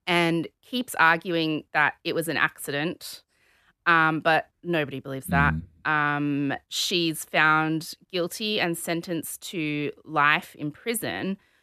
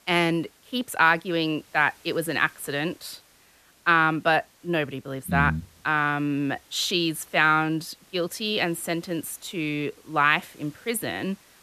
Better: first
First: none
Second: hiss; faint; throughout; 30 dB below the speech

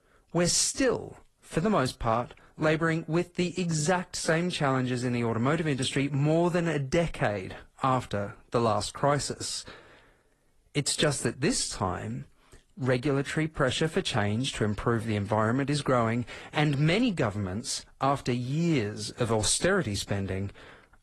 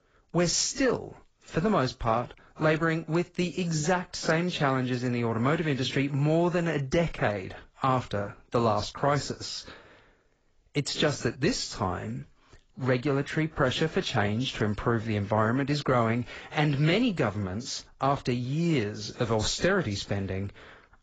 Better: first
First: garbled, watery; slightly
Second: garbled, watery; badly; nothing above 7.5 kHz

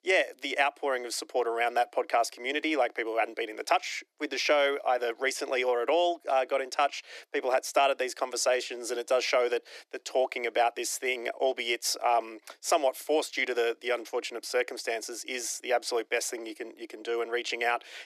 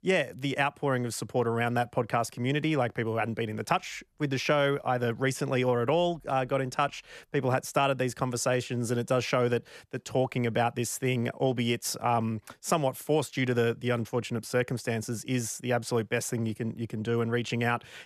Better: second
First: thin; very; fading below 300 Hz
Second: none

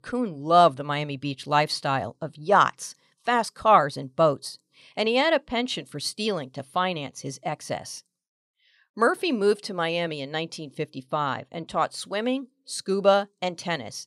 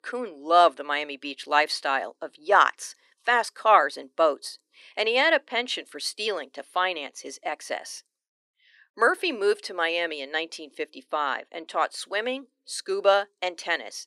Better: first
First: none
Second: thin; somewhat; fading below 300 Hz

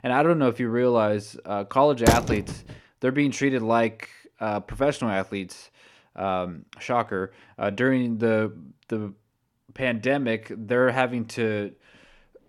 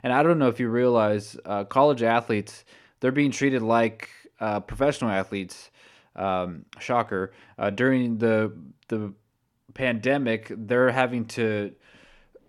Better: second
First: door banging; loud; at 2 s; peak 2 dB above the speech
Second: none

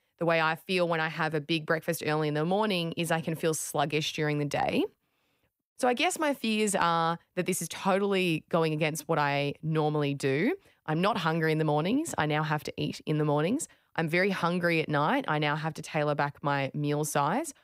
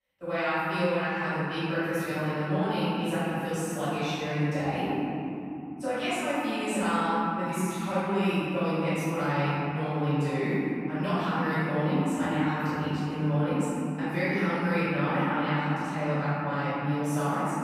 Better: first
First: none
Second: off-mic speech; far // room echo; strong; dies away in 3 s

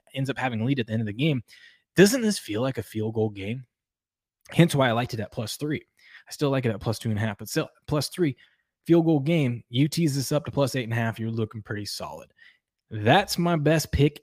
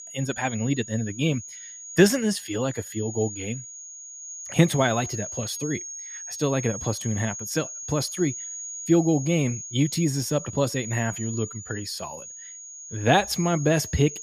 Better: first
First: none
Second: high-pitched whine; loud; throughout; 6.5 kHz, 9 dB below the speech

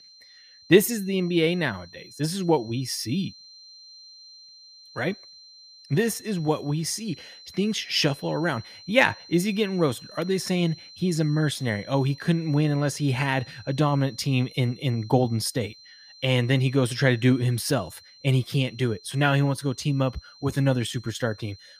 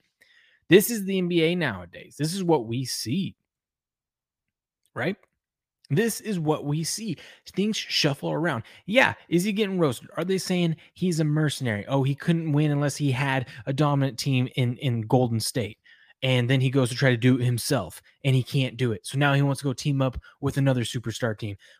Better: second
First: high-pitched whine; faint; throughout; 4 kHz, 20 dB below the speech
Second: none

